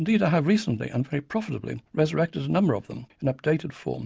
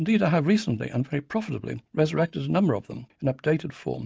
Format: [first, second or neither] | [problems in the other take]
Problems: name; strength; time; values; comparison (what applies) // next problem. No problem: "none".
first | noise reduction (neural mask model DeepFilterNet 3)